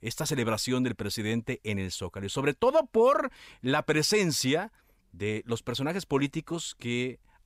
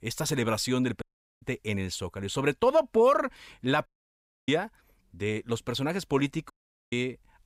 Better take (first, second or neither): first